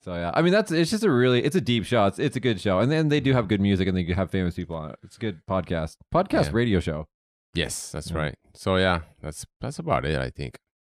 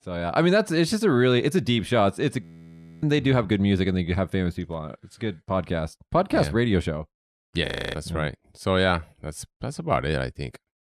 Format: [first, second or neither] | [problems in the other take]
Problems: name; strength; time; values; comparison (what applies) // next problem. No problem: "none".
first | audio freezing; at 2.5 s for 0.5 s and at 7.5 s